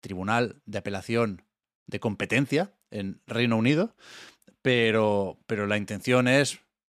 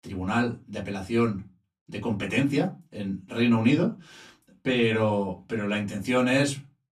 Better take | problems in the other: first | off-mic speech; far // room echo; very slight; dies away in 0.2 s

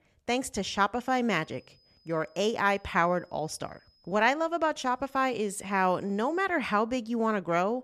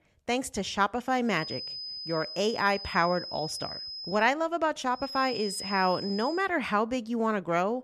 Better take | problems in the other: first | high-pitched whine; loud; from 1.5 to 4 s and from 5 to 6.5 s; 5 kHz, 8 dB below the speech; faint in the first

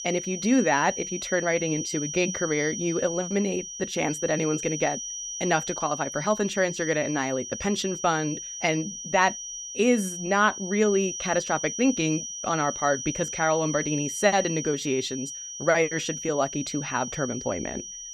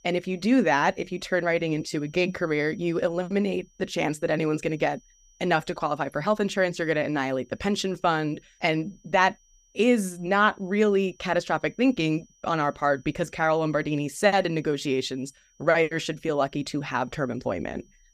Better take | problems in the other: second | high-pitched whine; loud; throughout; 6 kHz, 7 dB below the speech; faint in the second

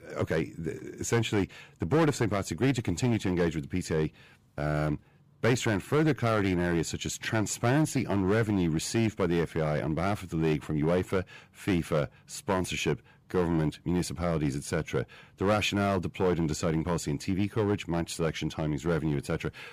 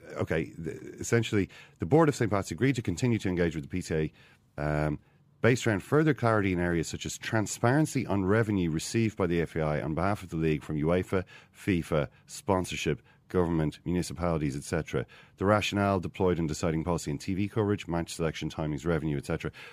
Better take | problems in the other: second | distortion; slight; 5% of the sound clipped

